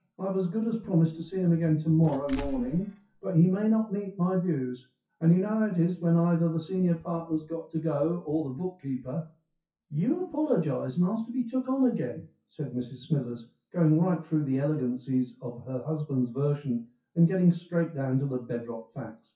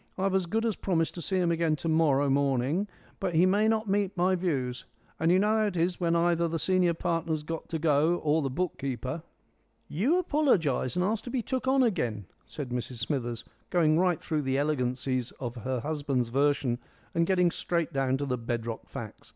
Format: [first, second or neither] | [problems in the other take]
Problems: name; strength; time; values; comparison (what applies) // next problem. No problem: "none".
second | noise reduction (classical method WPE with log-MMSE)